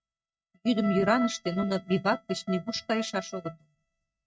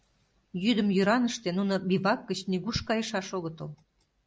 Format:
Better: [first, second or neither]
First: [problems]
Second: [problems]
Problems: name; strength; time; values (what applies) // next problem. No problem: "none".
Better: second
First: noise reduction (neural mask model RNNoise)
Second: none